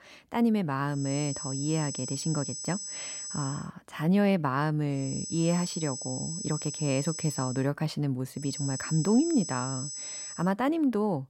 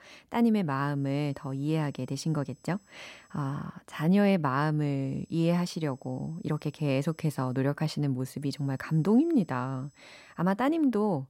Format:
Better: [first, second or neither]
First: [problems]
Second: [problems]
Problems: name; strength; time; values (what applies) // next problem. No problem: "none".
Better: second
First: high-pitched whine; loud; from 1 to 3.5 s, from 5 to 7.5 s and from 8.5 to 10 s; 8 kHz, 6 dB below the speech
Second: high-pitched whine; faint; from 1 to 3.5 s, from 5 to 7.5 s and from 8.5 to 10 s; 8 kHz, 35 dB below the speech